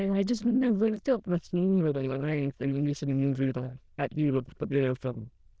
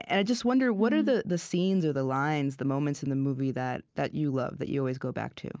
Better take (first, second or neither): second